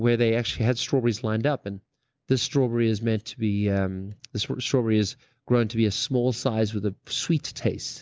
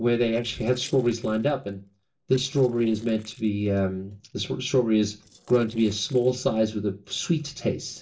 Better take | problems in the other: first | noise reduction (neural separator model SepFormer DNS4)

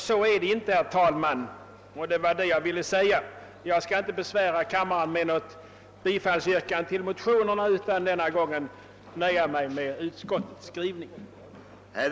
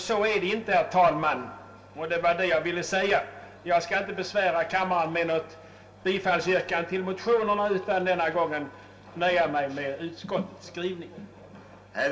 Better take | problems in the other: first | room echo; dies away in 0.5 s

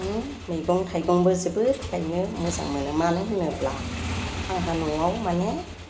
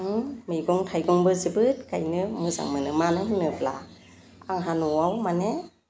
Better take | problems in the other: second | background sound (Motorcycle / Engine); 9 dB below the speech // room echo; dies away in 1.5 s

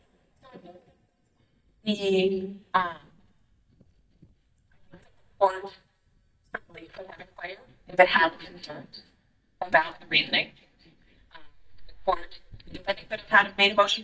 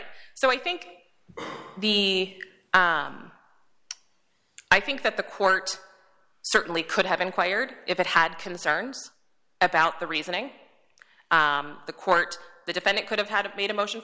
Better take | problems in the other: second | noise reduction (neural mask model DeepFilterNet 3)

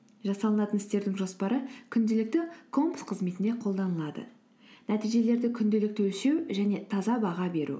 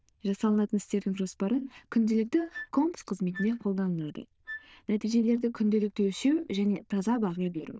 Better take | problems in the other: first | noise reduction (neural diffusion model UNIVERSE++)

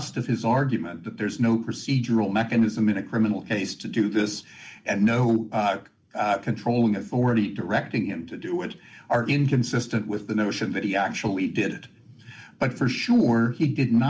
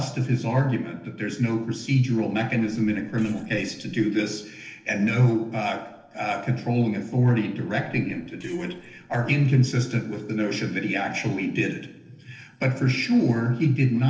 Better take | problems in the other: first | noise reduction (neural separator model SepFormer DNS4)

